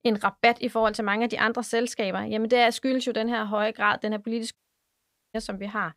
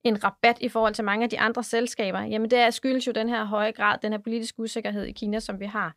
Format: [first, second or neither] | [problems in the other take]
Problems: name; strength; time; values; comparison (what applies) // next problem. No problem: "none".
second | audio cutting out; at 4.5 s for 1 s